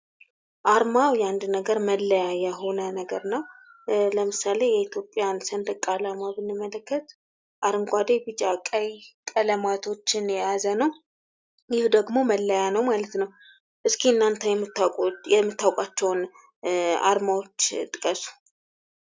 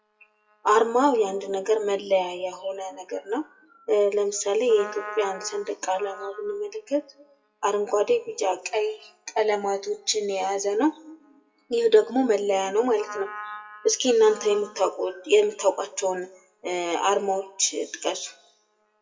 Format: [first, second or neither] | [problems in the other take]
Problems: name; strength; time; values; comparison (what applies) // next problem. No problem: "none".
first | noise reduction (classical method WPE with log-MMSE)